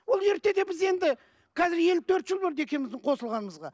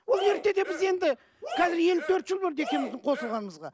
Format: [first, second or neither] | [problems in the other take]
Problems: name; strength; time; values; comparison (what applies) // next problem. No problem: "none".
first | background sound (Cheering); 10 dB below the speech